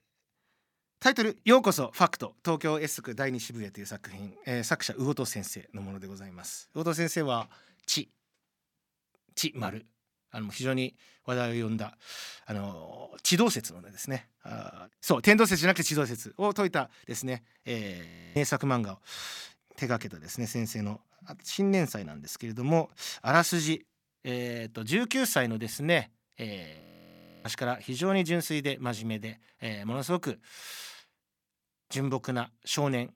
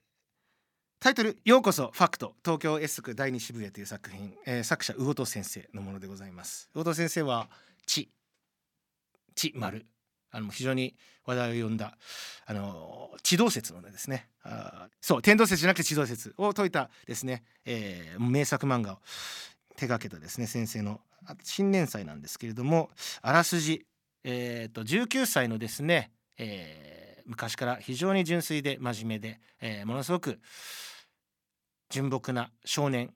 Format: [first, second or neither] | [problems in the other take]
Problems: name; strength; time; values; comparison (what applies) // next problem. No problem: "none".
second | audio freezing; at 18 s and at 27 s for 0.5 s